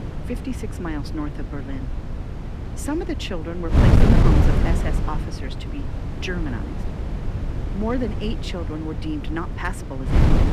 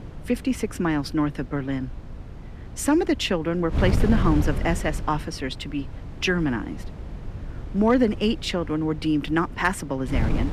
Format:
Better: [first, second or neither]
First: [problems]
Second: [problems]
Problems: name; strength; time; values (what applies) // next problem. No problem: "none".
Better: second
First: wind noise on the microphone; heavy; 1 dB below the speech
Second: wind noise on the microphone; occasional gusts; 15 dB below the speech